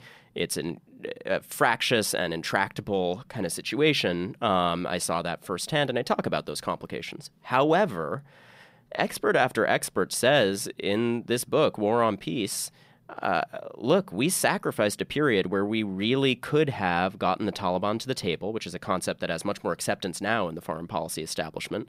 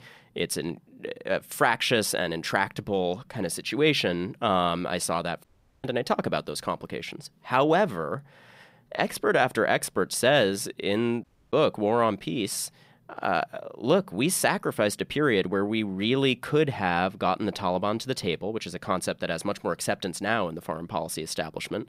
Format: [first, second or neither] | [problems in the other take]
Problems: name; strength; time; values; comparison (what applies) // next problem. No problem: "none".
first | audio cutting out; at 5.5 s and at 11 s